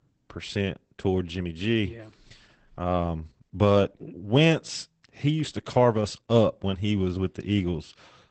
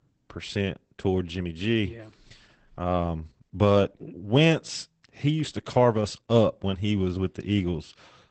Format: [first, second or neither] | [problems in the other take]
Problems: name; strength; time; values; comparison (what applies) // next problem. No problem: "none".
neither | garbled, watery; badly; nothing above 8 kHz; the same in both